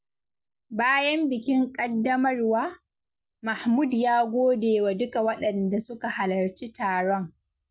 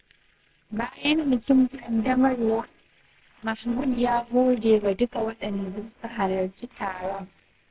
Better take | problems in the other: first | noise reduction (neural separator model SepFormer WHAMR!)

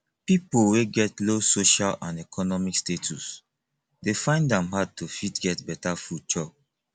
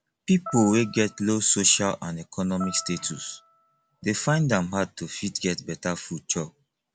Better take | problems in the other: first | background sound (Piano); 18 dB below the speech

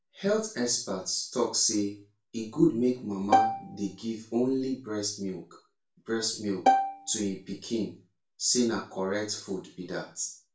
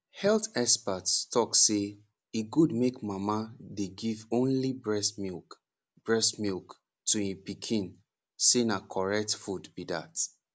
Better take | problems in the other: second | background sound (Bowed string instrument); 3 dB above the speech // room echo; dies away in 0.3 s

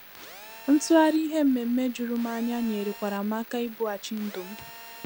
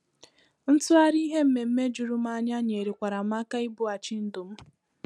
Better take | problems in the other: second | background sound (Telephone); 18 dB below the speech

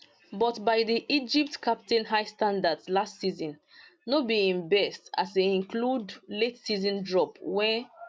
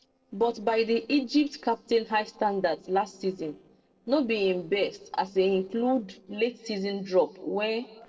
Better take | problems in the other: first | noise reduction (neural separator model SepFormer DNS4)

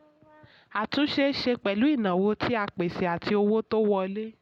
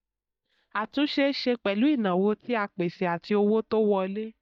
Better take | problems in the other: first | noise reduction (neural mask model DeepFilterNet 3)

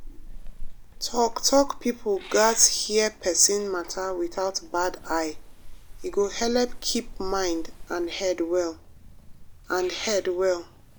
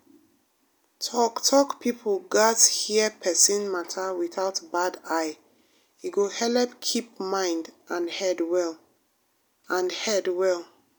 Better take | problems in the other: second | background sound (Meow / Purr); 11 dB below the speech

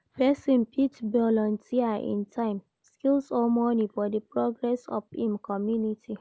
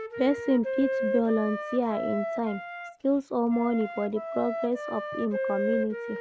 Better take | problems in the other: first | background sound (Wind instrument, woodwind instrument); 5 dB below the speech

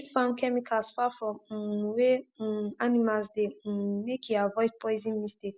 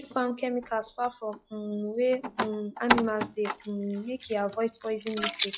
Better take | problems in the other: first | noise reduction (classical method log-MMSE)

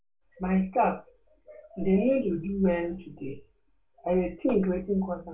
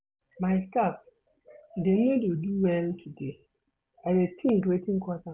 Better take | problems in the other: second | room echo; dies away in 0.2 s

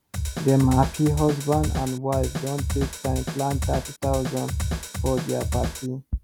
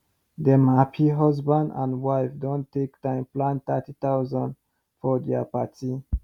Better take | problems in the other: second | background sound (Drum kit); 3 dB below the speech

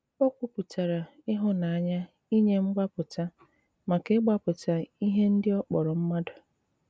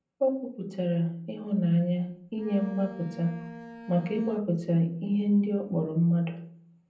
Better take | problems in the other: first | background sound (Bowed string instrument); 17 dB below the speech // room echo; dies away in 0.6 s

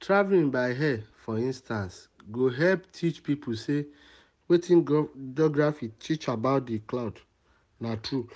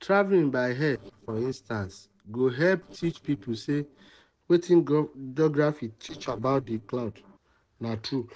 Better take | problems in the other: first | noise reduction (neural separator model SepFormer DNS4)

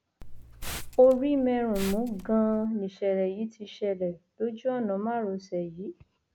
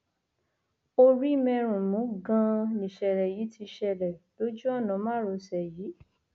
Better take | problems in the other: second | background sound (Liquid); 11 dB below the speech

